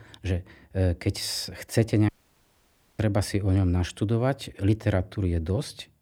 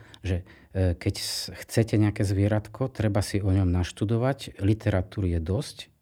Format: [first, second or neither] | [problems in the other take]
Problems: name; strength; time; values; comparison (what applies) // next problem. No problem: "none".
second | audio cutting out; at 2 s for 1 s